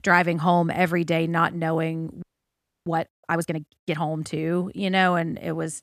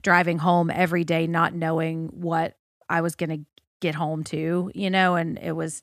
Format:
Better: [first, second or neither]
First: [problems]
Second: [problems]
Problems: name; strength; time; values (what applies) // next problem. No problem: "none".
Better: second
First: audio freezing; at 2 s for 0.5 s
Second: none